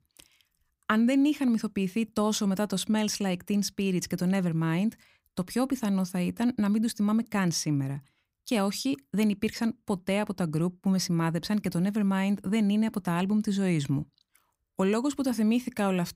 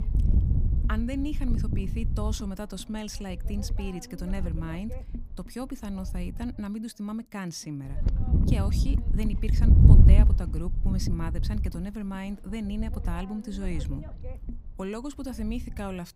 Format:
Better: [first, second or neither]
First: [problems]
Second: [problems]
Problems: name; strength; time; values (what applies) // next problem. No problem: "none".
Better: first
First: none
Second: wind noise on the microphone; heavy; 2 dB below the speech